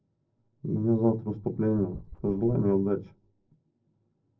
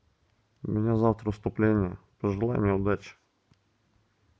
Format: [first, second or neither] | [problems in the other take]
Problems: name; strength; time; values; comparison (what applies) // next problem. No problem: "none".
second | noise reduction (neural separator model SepFormer DNS4)